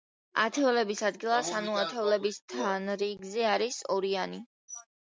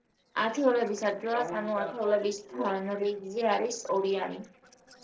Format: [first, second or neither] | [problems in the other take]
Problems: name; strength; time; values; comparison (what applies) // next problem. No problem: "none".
first | noise reduction (neural separator model SepFormer DNS4)